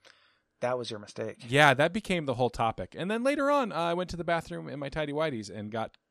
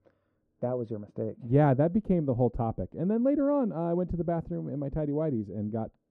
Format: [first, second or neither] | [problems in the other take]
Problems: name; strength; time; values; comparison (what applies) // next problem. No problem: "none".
first | muffled; very; fading above 1 kHz